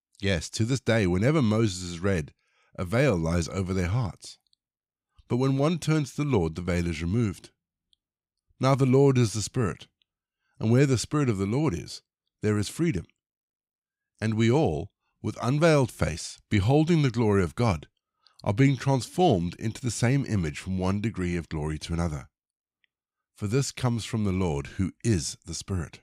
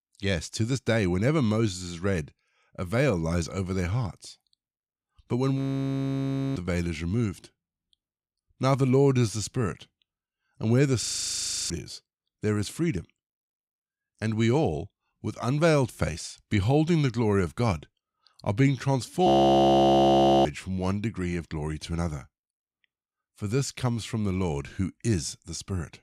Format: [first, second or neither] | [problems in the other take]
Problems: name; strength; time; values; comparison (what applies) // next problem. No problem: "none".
first | audio freezing; at 5.5 s for 1 s, at 11 s for 0.5 s and at 19 s for 1 s